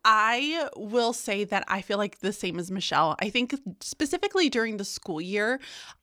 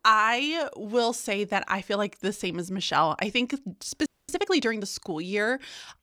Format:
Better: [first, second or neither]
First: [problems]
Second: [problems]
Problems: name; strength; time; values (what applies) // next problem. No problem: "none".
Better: first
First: none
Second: audio freezing; at 4 s